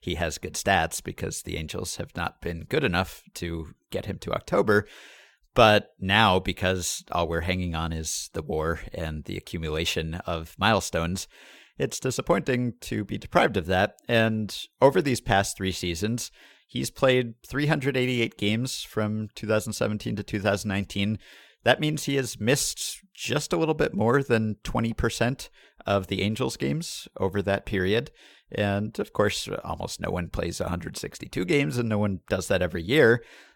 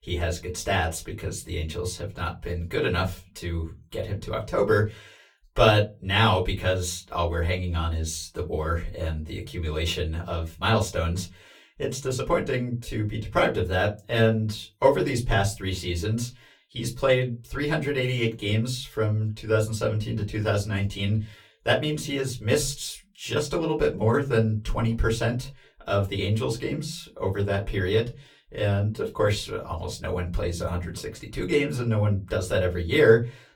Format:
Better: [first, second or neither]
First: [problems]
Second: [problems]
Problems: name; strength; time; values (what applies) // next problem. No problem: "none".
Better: first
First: none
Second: off-mic speech; far // room echo; very slight; dies away in 0.2 s